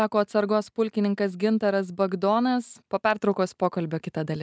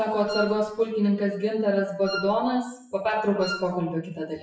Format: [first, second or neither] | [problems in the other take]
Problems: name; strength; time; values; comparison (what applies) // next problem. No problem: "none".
first | noise reduction (classical method WPE with log-MMSE)